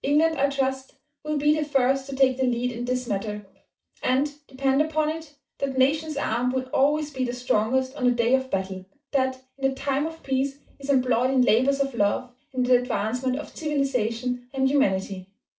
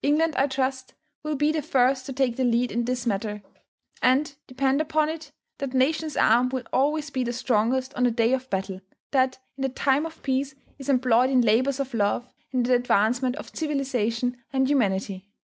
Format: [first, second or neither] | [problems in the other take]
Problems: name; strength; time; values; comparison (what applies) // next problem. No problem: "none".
second | room echo; dies away in 0.2 s